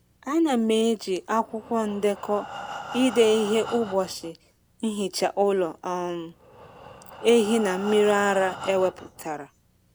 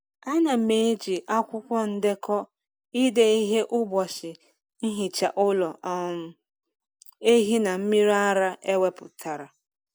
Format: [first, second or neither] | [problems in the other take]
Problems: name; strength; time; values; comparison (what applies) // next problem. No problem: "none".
second | background sound (Breathing); 15 dB below the speech